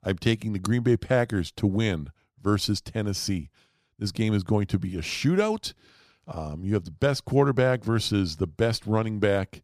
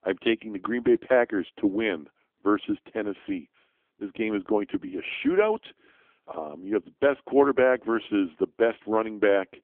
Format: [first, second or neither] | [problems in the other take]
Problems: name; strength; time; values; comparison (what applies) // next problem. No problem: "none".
first | phone-call audio; poor line; nothing above 3.5 kHz